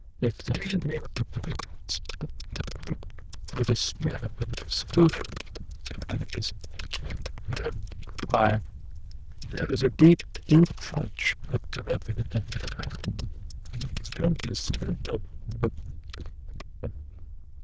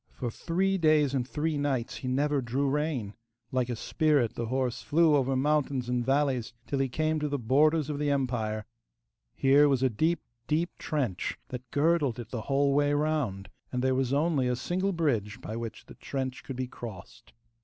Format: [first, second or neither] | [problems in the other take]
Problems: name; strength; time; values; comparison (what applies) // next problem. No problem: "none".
second | noise reduction (neural diffusion model UNIVERSE++)